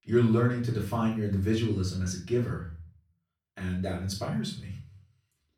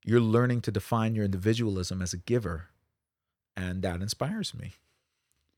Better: second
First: off-mic speech; far // room echo; slight; dies away in 0.4 s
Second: none

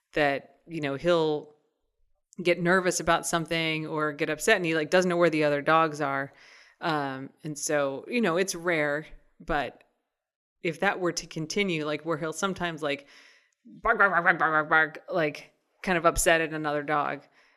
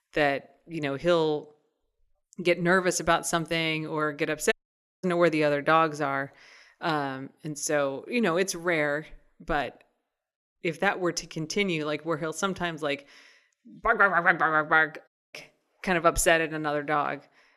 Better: first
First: none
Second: audio cutting out; at 4.5 s for 0.5 s and at 15 s

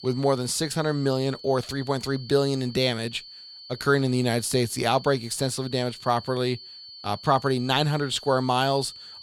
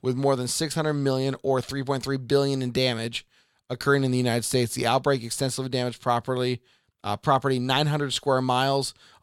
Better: second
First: high-pitched whine; noticeable; throughout; 4.5 kHz, 15 dB below the speech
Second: none

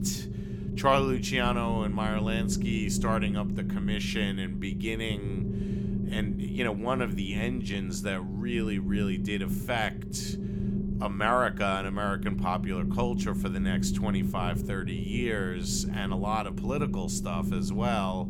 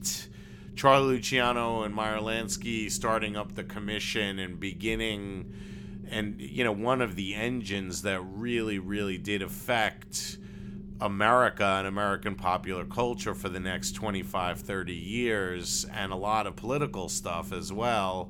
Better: second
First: low rumble; loud; throughout; 8 dB below the speech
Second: low rumble; faint; throughout; 20 dB below the speech

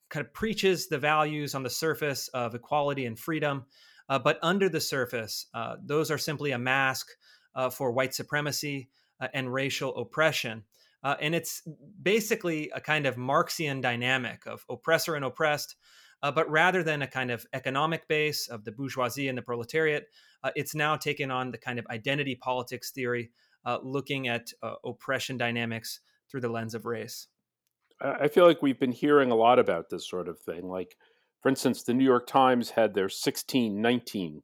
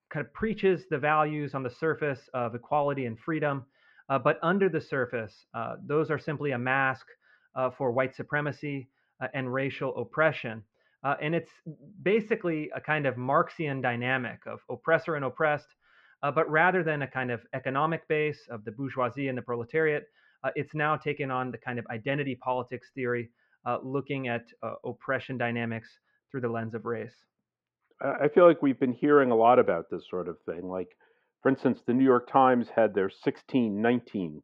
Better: first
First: none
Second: muffled; very; fading above 2 kHz

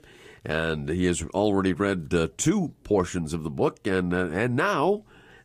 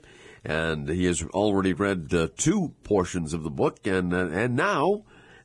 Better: first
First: garbled, watery; slightly; nothing above 15 kHz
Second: garbled, watery; badly

